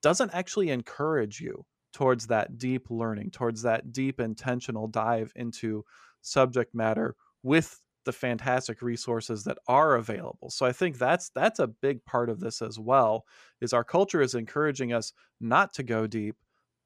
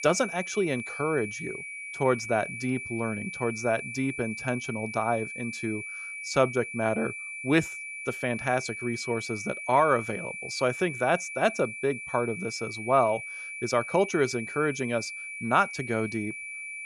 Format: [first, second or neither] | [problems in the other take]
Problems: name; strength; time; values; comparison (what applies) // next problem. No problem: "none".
first | high-pitched whine; loud; throughout; 2.5 kHz, 7 dB below the speech